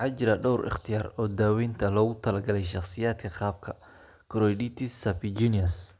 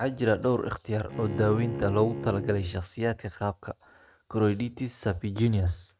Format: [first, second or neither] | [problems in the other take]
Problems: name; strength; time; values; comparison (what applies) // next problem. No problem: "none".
first | noise reduction (neural mask model RNNoise)